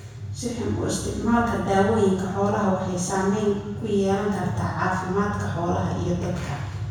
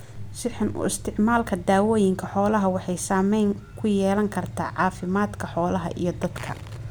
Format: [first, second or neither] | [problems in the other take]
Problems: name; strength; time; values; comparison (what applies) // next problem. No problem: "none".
second | room echo; dies away in 1 s